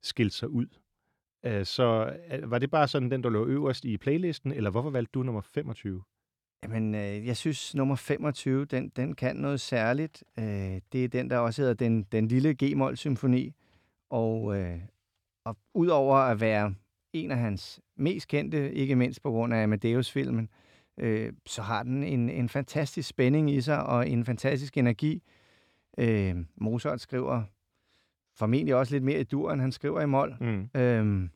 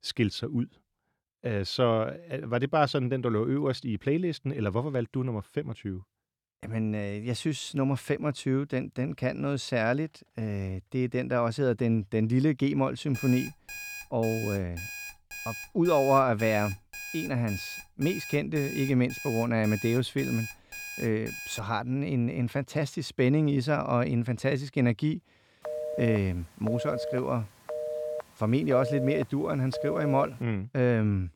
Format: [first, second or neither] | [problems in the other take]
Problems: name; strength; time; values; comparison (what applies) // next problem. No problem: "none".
first | alarm; noticeable; from 13 to 22 s; peak 9 dB below the speech // phone ringing; noticeable; from 26 to 30 s; peak 4 dB below the speech